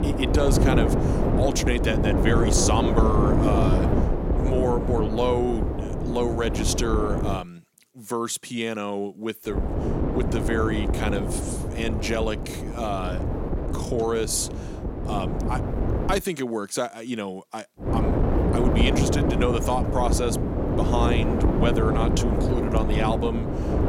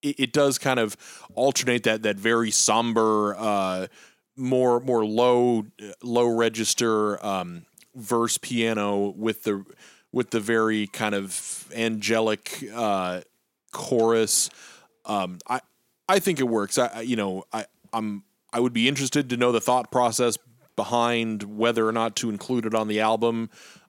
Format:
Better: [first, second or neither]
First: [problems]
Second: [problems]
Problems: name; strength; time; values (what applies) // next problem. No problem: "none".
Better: second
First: wind noise on the microphone; heavy; until 7.5 s, from 9.5 to 16 s and from 18 s on; 2 dB below the speech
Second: none